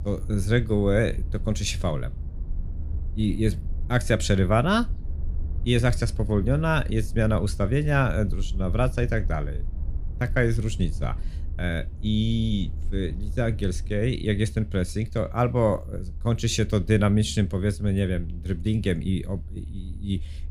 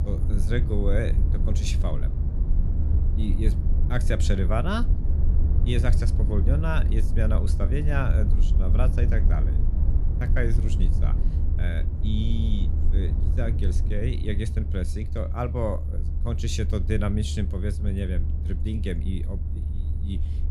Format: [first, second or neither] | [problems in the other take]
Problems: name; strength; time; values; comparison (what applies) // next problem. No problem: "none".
first | low rumble; loud; throughout; 8 dB below the speech; faint in the first